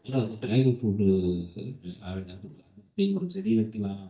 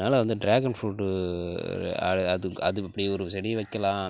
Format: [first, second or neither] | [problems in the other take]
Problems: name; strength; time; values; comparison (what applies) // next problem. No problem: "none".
second | noise reduction (neural mask model DeepFilterNet 3)